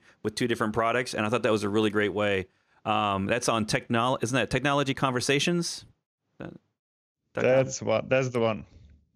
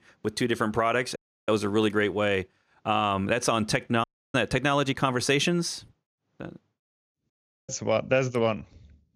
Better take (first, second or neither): first